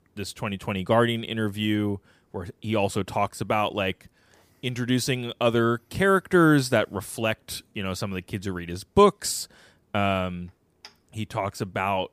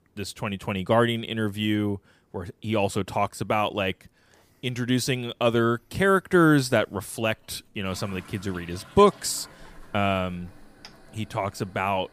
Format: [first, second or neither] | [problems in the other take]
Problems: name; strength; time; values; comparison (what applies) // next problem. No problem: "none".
first | household noises; faint; throughout; 25 dB below the speech